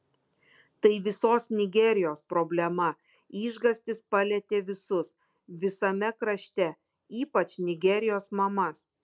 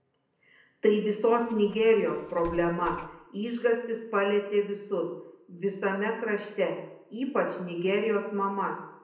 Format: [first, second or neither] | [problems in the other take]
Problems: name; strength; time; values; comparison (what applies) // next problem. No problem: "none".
first | background sound (Bus); 19 dB below the speech // room echo; dies away in 0.7 s